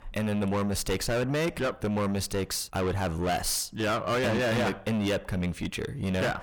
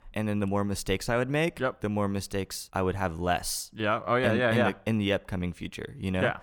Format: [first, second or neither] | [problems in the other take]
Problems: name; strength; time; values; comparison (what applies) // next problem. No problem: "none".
second | distortion; heavy; 6 dB below the speech